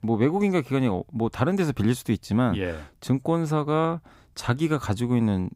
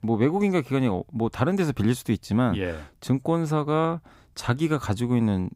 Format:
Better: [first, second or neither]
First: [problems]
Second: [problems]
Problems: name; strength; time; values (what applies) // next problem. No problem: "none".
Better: neither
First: none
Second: none